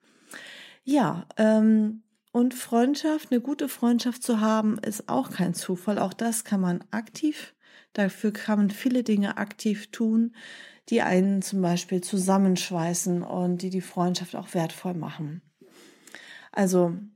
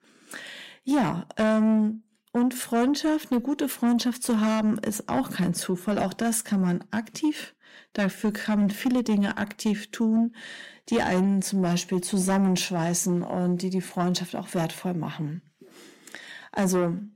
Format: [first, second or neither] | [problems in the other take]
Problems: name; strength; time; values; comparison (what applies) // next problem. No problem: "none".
first | distortion; slight; 10 dB below the speech